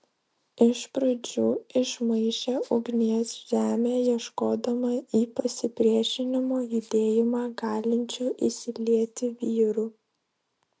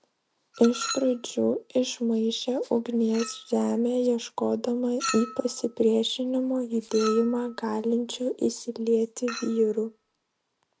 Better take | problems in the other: first | background sound (Chink, clink); 15 dB below the speech

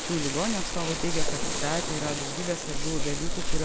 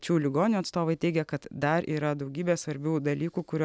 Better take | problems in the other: second | background sound (Frying (food) + Waves, surf); 5 dB above the speech

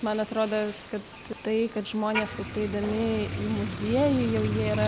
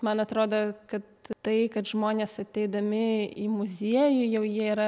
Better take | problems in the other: second | background sound (Motor vehicle (road)); 6 dB below the speech

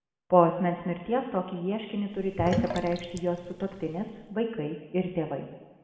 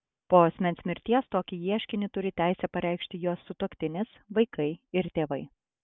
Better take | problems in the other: second | background sound (Sink (filling or washing)); 7 dB below the speech // room echo; dies away in 1.4 s

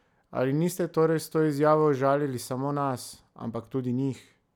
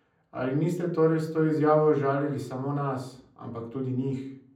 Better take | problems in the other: first | room echo; dies away in 0.6 s

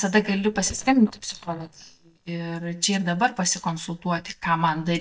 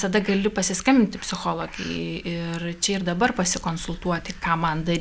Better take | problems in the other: second | noise reduction (neural mask model DeepFilterNet 3)

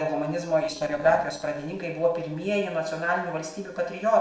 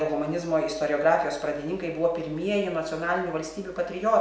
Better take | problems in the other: second | noise reduction (neural separator model SepFormer DNS4)

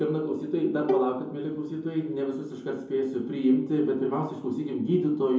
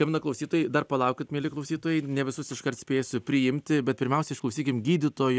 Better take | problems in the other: second | background sound (Bowed string instrument); 5 dB below the speech // room echo; dies away in 2.6 s

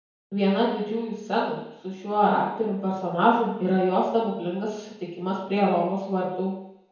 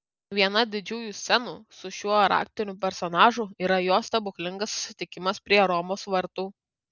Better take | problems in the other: second | room echo; dies away in 0.9 s

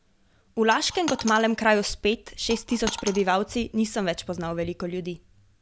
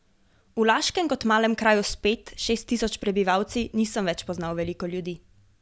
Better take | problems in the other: second | background sound (Coin (dropping)); 12 dB below the speech

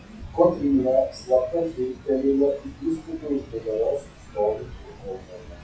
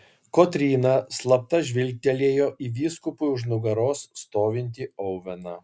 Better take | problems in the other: second | noise reduction (classical method WPE with log-MMSE)

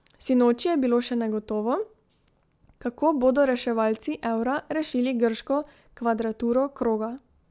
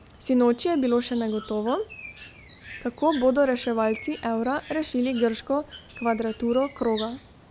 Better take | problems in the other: first | background sound (Bird + Tambourine); 19 dB below the speech

